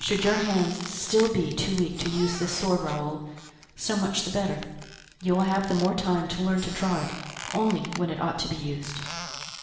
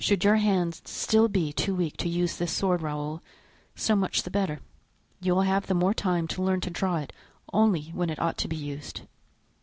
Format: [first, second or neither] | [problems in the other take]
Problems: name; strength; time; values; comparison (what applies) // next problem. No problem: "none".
second | background sound (Squeak); 13 dB below the speech // room echo; dies away in 0.9 s